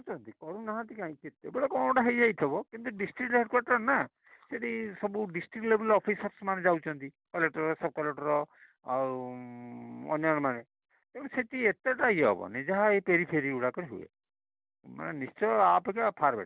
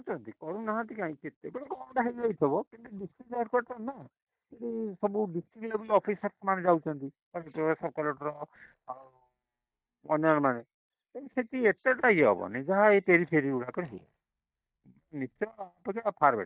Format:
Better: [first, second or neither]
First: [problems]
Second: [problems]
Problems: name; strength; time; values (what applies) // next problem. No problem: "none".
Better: first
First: none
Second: noise reduction (neural mask model DeepFilterNet 3)